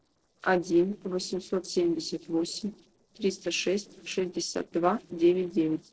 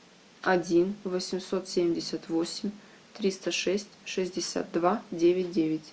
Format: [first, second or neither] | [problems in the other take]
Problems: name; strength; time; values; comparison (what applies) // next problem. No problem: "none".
second | noise reduction (neural separator model SepFormer DNS4)